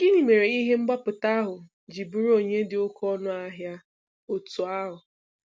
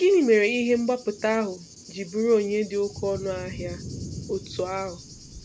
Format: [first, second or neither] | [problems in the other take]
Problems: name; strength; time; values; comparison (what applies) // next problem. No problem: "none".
first | background sound (Thunder / Cricket); 15 dB below the speech